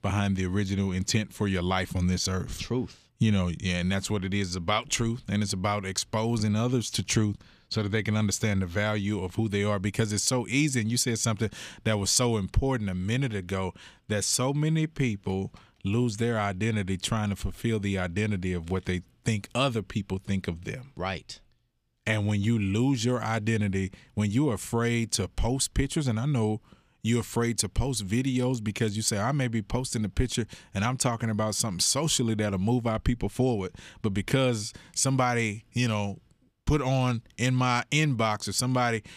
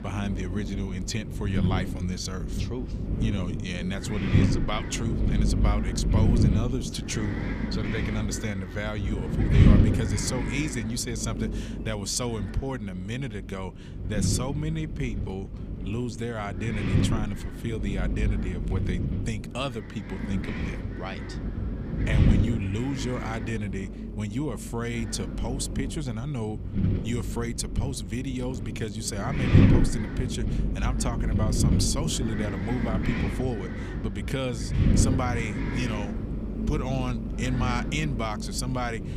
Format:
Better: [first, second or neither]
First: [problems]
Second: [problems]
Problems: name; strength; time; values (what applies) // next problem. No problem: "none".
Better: first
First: none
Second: wind noise on the microphone; heavy; 2 dB below the speech